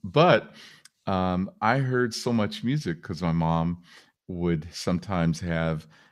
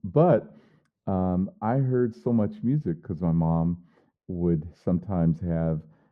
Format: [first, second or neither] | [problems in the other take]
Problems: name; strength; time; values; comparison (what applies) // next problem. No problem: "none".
first | muffled; very; fading above 1.5 kHz